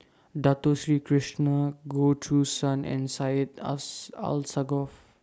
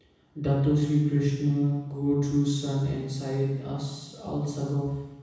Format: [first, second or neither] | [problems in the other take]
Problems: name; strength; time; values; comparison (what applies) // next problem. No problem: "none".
first | room echo; dies away in 1.1 s